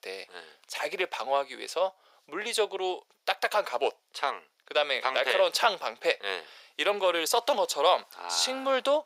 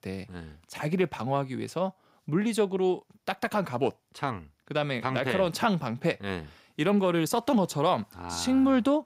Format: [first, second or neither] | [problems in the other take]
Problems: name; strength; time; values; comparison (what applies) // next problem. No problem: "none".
second | thin; very; fading below 500 Hz